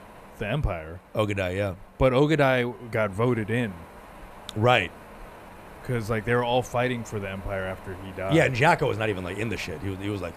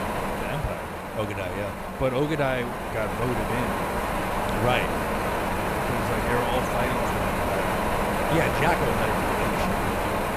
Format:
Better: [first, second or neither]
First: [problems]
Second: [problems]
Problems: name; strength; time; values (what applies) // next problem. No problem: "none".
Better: first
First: wind noise on the microphone; occasional gusts; 20 dB below the speech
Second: wind noise on the microphone; heavy; 4 dB above the speech